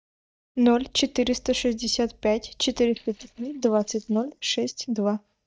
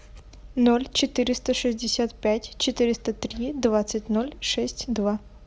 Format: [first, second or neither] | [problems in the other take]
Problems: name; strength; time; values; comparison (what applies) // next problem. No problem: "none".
second | noise reduction (neural mask model DeepFilterNet 3)